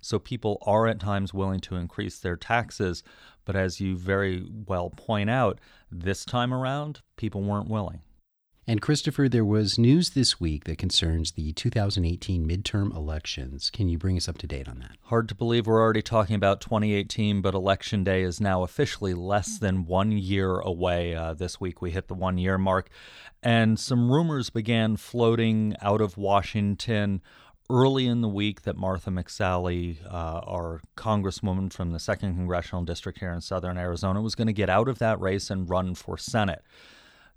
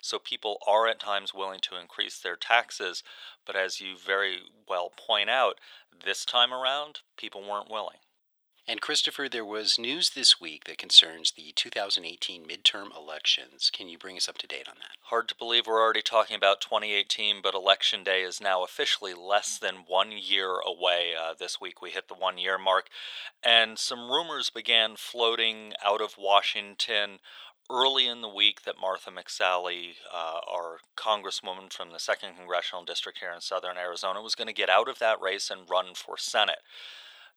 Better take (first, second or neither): first